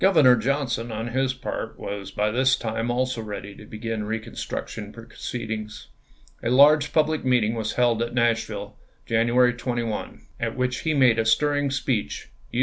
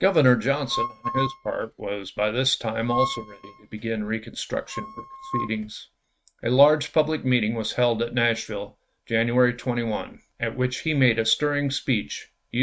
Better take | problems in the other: first | noise reduction (neural mask model RNNoise)

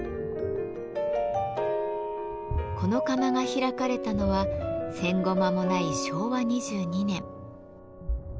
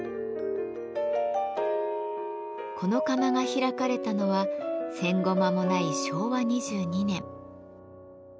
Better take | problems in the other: second | background sound (Ocean); 10 dB below the speech

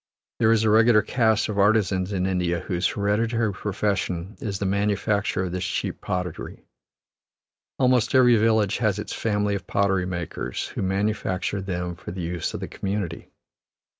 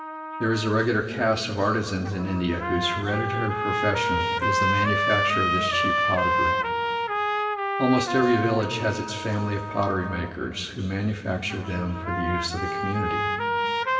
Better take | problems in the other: first | background sound (Trumpet); 1 dB below the speech // room echo; dies away in 2.2 s

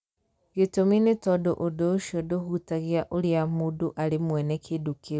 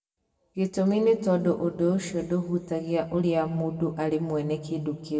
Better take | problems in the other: first | room echo; dies away in 1.6 s

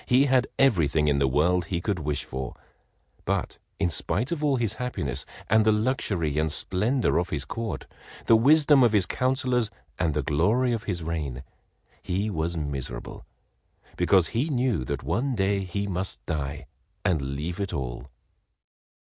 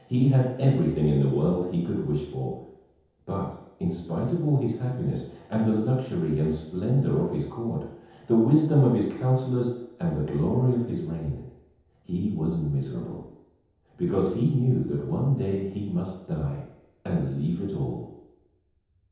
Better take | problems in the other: first | room echo; dies away in 0.9 s

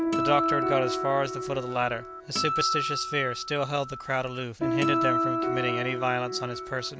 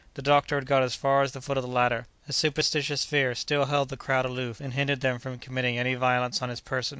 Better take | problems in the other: second | background sound (Piano + Acoustic guitar); as loud as the speech

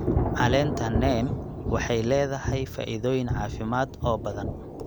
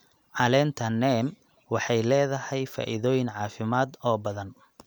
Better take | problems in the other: second | background sound (Thunder / Rain); 2 dB below the speech

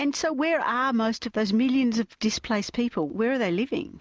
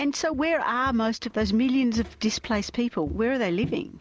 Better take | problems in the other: first | background sound (Walk, footsteps); 15 dB below the speech

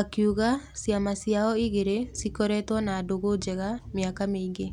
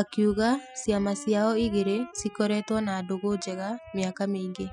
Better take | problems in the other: first | noise reduction (classical method spectral subtraction)

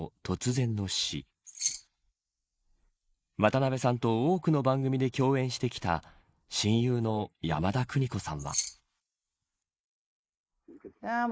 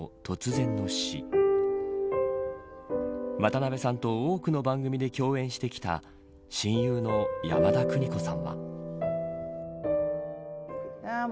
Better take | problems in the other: second | noise reduction (neural mask model Resemble Enhance denoiser)

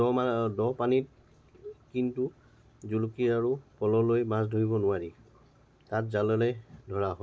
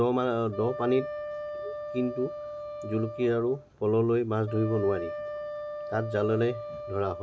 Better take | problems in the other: first | background sound (Wind instrument, woodwind instrument); 9 dB below the speech

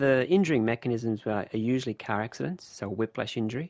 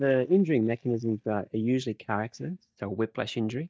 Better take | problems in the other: first | noise reduction (neural mask model DeepFilterNet 3)

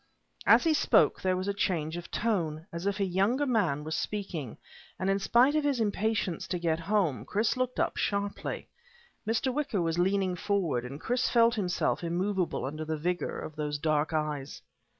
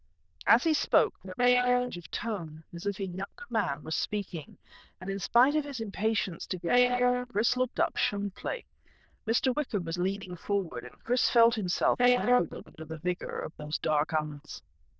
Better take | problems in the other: first | noise reduction (neural diffusion model UNIVERSE++)

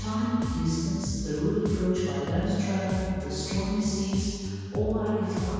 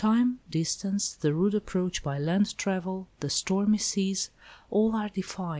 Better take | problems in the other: second | background sound (Bass guitar); 5 dB below the speech // room echo; dies away in 2.2 s

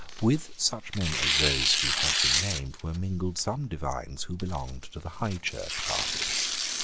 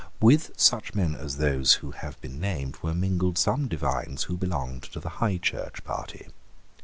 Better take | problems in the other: second | background sound (Tearing); as loud as the speech

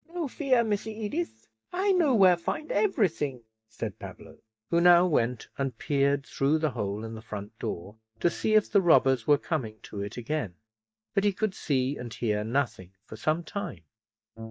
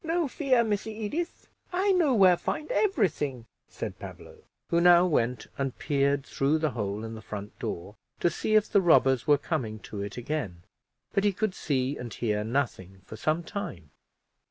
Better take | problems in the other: second | noise reduction (neural mask model DeepFilterNet 3)

